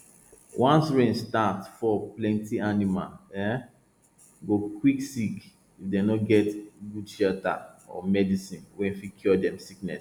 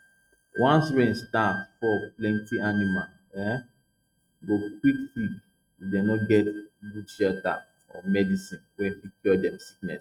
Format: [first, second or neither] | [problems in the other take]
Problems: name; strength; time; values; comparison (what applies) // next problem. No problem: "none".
first | noise reduction (neural mask model RNNoise)